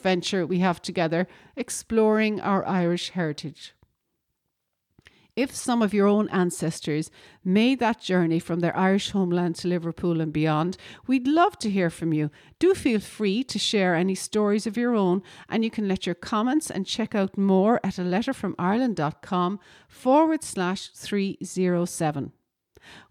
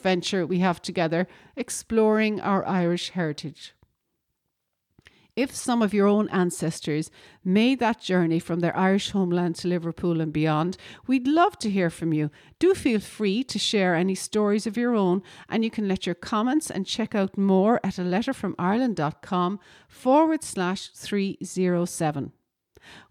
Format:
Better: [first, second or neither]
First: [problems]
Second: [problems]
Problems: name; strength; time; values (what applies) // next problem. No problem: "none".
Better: neither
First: none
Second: none